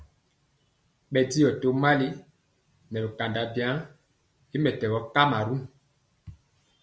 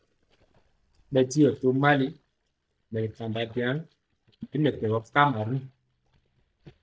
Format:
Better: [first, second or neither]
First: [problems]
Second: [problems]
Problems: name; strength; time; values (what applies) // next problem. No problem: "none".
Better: first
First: none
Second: noise reduction (neural mask model DeepFilterNet 3)